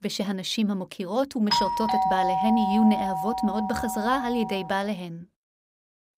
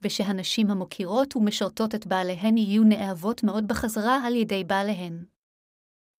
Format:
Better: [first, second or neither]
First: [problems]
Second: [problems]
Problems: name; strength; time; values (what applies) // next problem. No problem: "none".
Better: second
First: doorbell; loud; from 1.5 to 4.5 s; peak 3 dB above the speech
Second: none